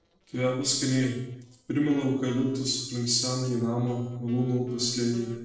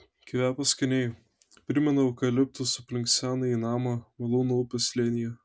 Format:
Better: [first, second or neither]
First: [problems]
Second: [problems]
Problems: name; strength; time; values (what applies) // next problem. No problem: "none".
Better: second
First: noise reduction (neural separator model SepFormer DNS4)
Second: none